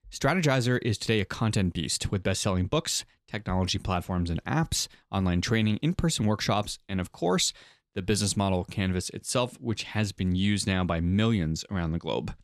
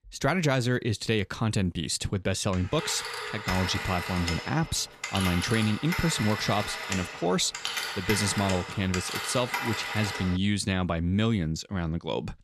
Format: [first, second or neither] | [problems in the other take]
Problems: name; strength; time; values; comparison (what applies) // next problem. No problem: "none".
first | phone ringing; noticeable; from 2.5 to 10 s; peak 2 dB below the speech